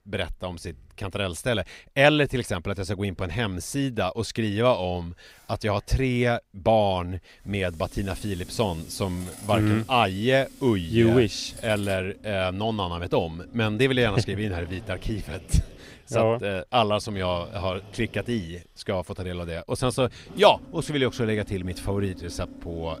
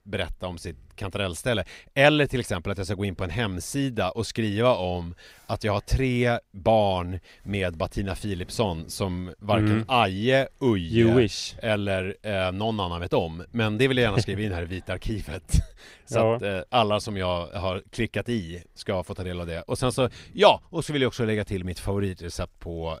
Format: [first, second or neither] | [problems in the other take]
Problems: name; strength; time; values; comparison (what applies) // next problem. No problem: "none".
second | machinery noise; noticeable; from 8 s on; 20 dB below the speech